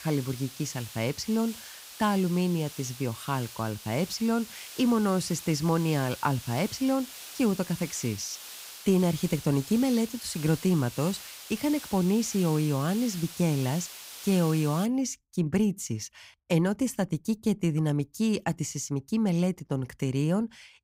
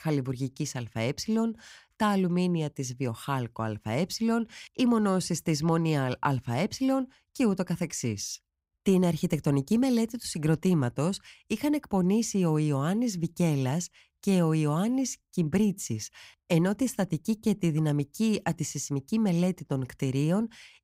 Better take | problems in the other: second | hiss; noticeable; until 15 s; 15 dB below the speech

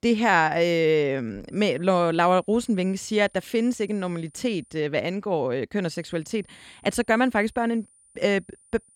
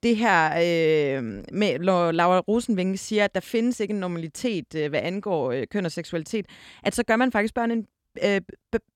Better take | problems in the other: second | high-pitched whine; faint; from 1.5 to 5 s and from 6 s on; 9.5 kHz, 30 dB below the speech

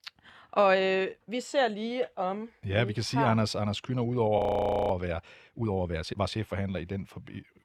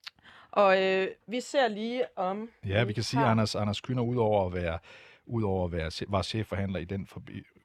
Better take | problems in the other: second | audio freezing; at 4.5 s for 0.5 s

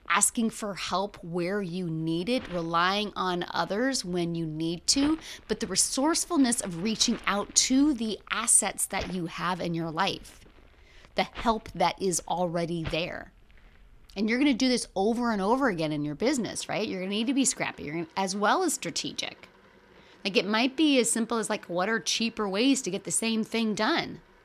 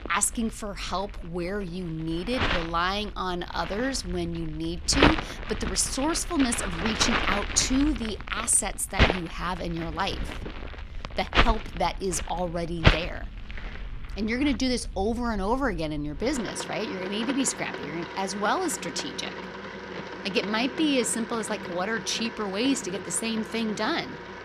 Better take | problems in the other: first | household noises; loud; throughout; 4 dB below the speech; faint in the first

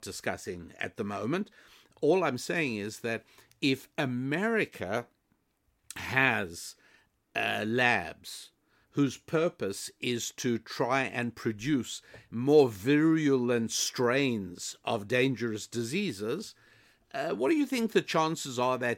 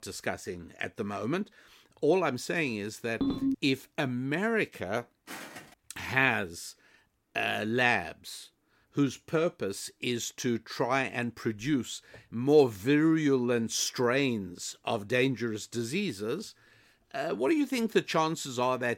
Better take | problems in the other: first | phone ringing; noticeable; at 3 s; peak level with the speech // footsteps; faint; at 5.5 s; peak 15 dB below the speech

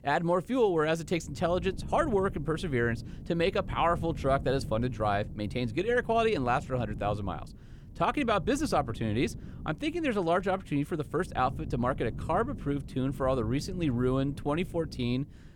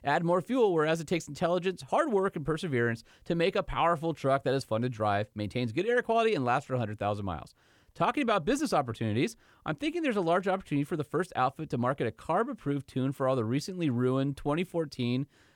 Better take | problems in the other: second | wind noise on the microphone; occasional gusts; 20 dB below the speech

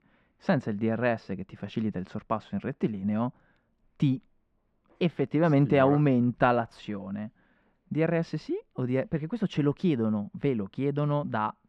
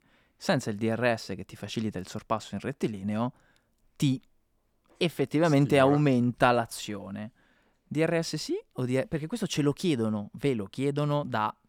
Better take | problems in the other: second | muffled; slightly; fading above 2.5 kHz

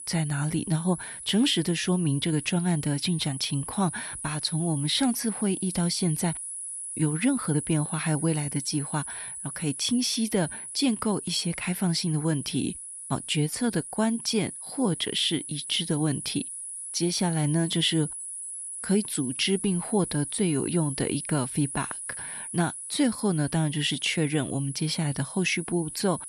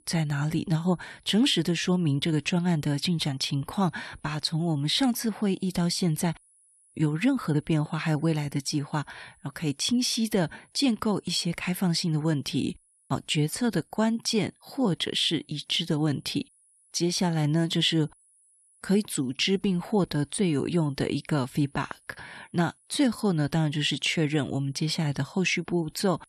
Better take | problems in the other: second | high-pitched whine; loud; throughout; 10.5 kHz, 8 dB below the speech; faint in the second

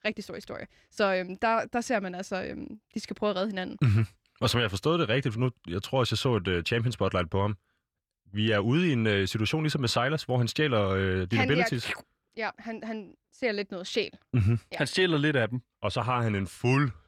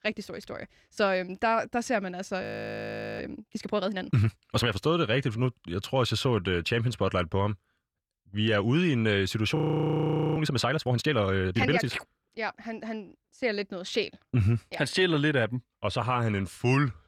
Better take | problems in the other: first | audio freezing; at 2.5 s for 1 s and at 9.5 s for 1 s

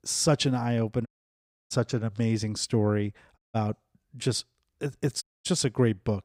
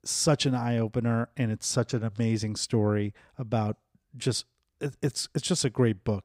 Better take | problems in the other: second | audio cutting out; at 1 s for 0.5 s, at 3.5 s and at 5 s

